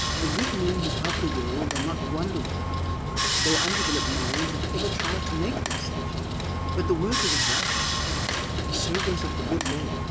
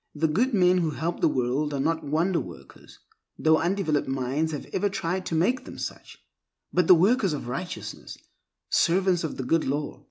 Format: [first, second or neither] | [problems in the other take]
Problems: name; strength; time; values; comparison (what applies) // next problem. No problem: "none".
second | background sound (Sawing); 5 dB above the speech